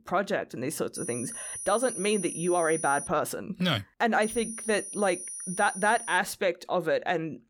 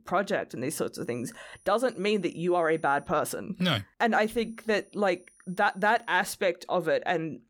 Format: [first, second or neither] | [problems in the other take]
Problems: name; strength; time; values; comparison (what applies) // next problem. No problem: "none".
second | high-pitched whine; loud; from 1 to 3 s and from 4 to 6 s; 9.5 kHz, 8 dB below the speech; faint in the second